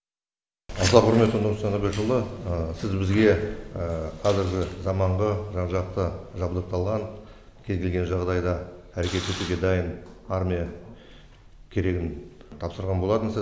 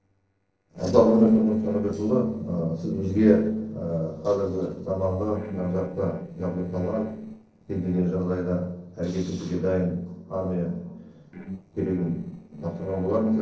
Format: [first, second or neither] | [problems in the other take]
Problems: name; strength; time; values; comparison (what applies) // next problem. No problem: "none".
first | noise reduction (neural separator model SepFormer DNS4)